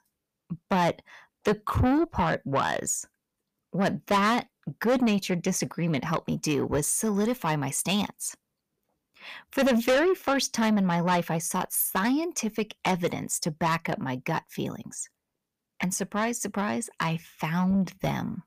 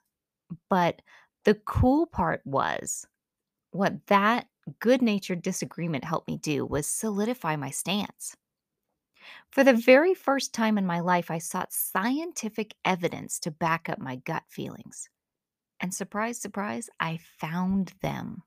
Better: second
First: distortion; heavy; 7 dB below the speech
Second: none

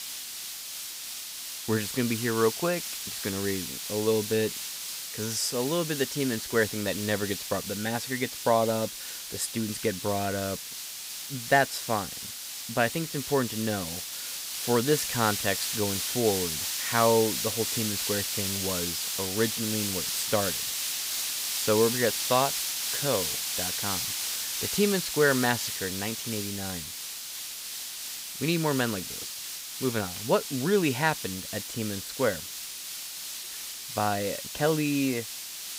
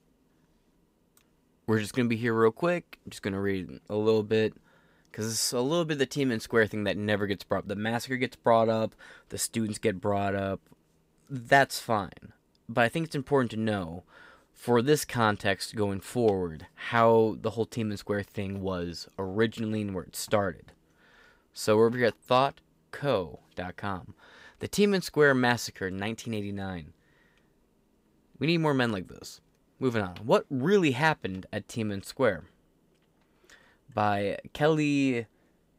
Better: second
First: hiss; loud; throughout; 3 dB below the speech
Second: none

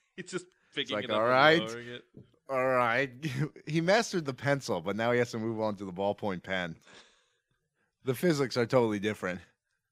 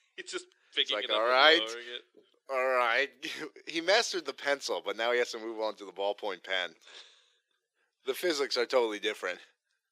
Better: first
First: none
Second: thin; very; fading below 350 Hz

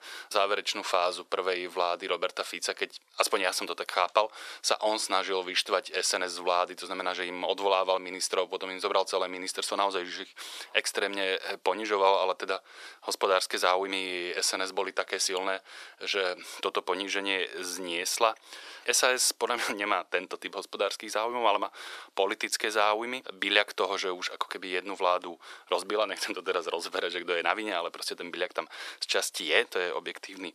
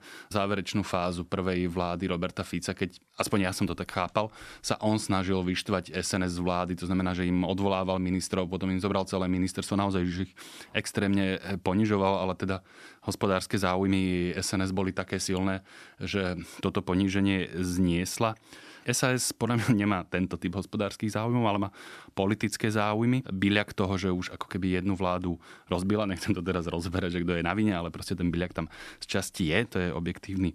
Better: second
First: thin; very; fading below 450 Hz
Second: none

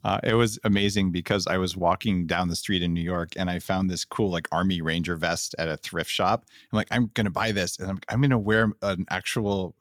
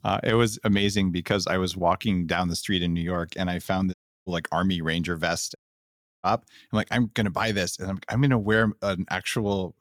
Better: first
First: none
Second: audio cutting out; at 4 s and at 5.5 s for 0.5 s

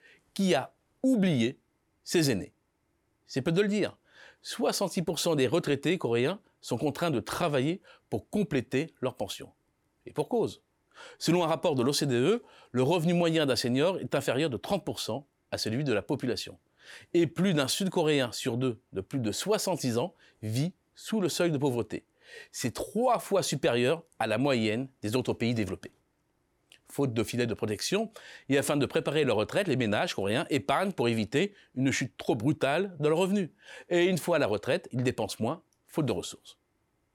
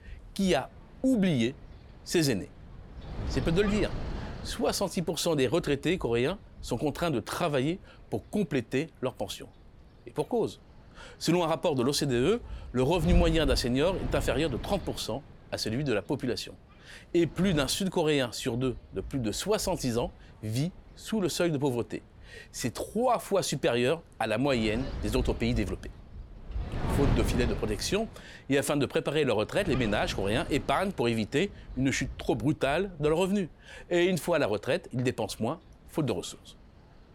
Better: first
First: none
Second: wind noise on the microphone; occasional gusts; 15 dB below the speech

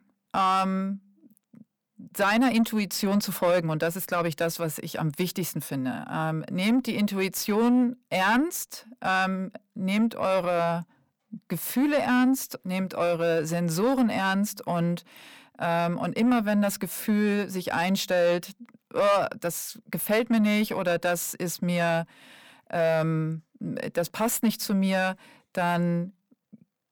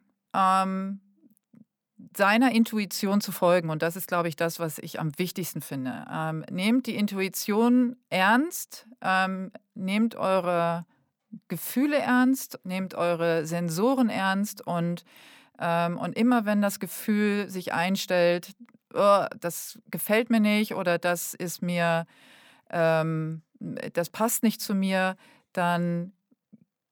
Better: second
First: distortion; slight; 10 dB below the speech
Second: none

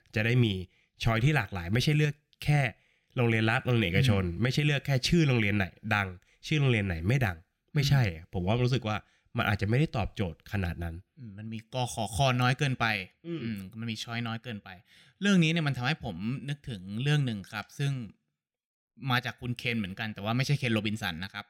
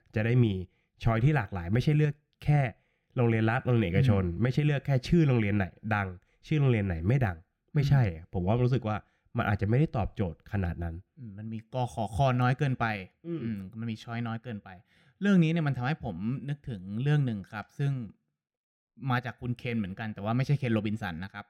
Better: first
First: none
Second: muffled; slightly; fading above 2 kHz

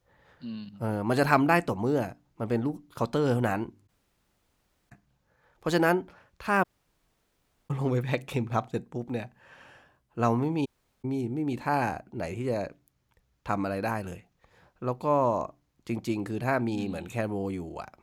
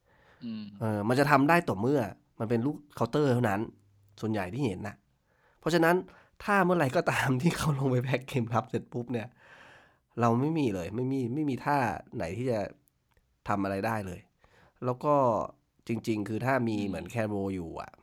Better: second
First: audio cutting out; at 4 s for 1 s, at 6.5 s for 1 s and at 11 s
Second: none

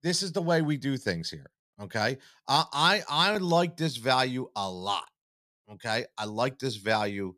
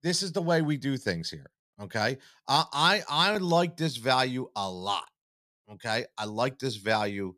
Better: neither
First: none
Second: none

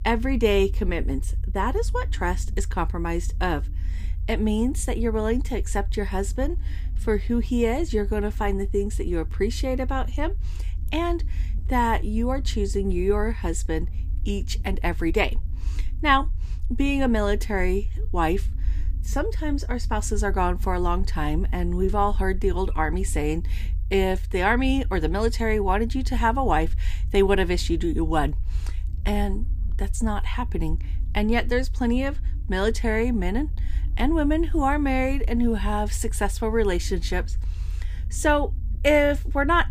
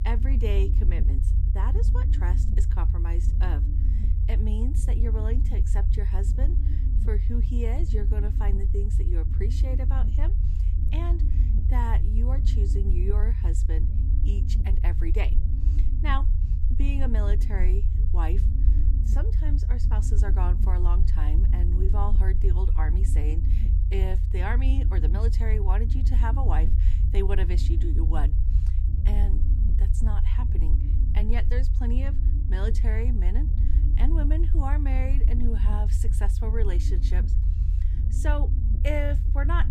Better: first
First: low rumble; faint; throughout; 25 dB below the speech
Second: low rumble; loud; throughout; 6 dB below the speech

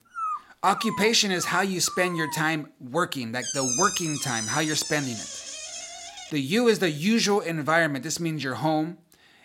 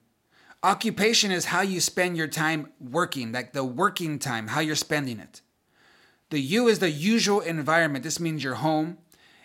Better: second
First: dog barking; noticeable; until 2.5 s; peak 6 dB below the speech // door banging; loud; from 3.5 to 6.5 s; peak level with the speech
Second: none

